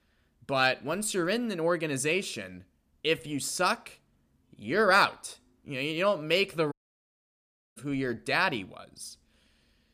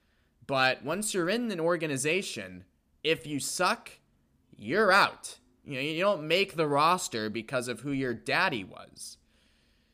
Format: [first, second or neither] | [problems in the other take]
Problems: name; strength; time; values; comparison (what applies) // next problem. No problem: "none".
second | audio cutting out; at 6.5 s for 1 s